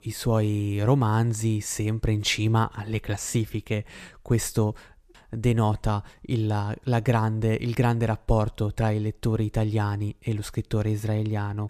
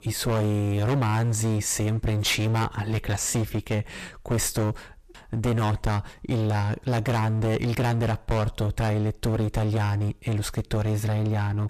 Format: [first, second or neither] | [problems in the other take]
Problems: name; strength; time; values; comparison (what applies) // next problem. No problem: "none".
first | distortion; heavy; 27% of the sound clipped